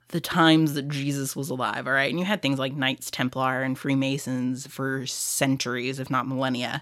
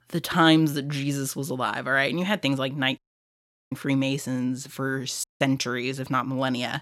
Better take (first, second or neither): first